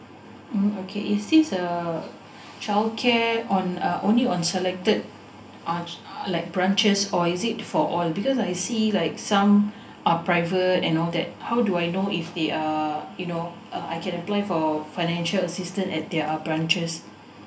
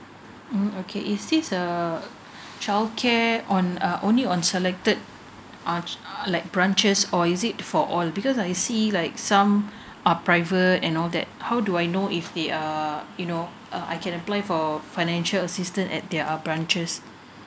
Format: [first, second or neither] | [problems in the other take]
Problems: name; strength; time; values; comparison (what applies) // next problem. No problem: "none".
second | room echo; dies away in 0.3 s